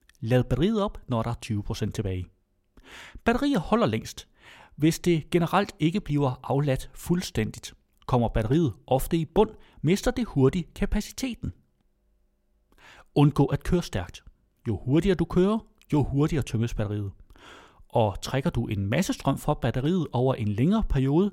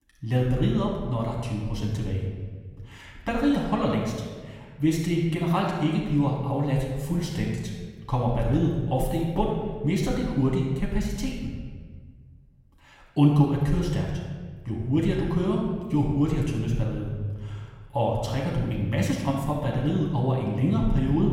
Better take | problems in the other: first | room echo; noticeable; dies away in 1.4 s // off-mic speech; far

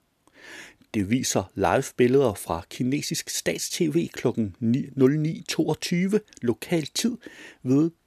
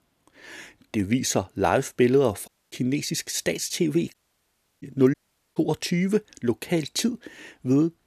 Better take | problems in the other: first | audio cutting out; at 2.5 s, at 4 s for 0.5 s and at 5 s

